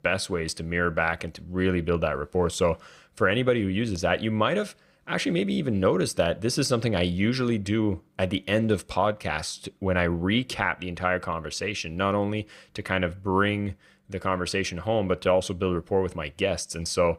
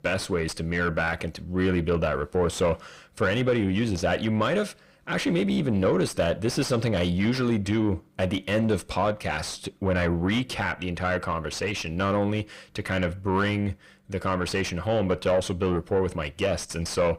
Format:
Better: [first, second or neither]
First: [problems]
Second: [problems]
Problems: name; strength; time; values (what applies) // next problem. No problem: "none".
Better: first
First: none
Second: distortion; slight; 10 dB below the speech